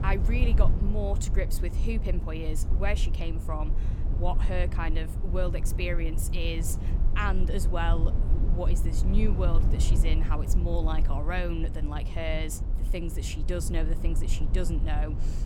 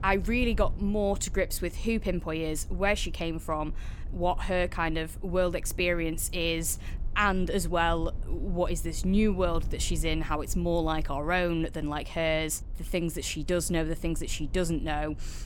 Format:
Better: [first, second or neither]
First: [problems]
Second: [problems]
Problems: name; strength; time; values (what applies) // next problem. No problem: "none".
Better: second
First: low rumble; loud; throughout; 9 dB below the speech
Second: low rumble; faint; throughout; 25 dB below the speech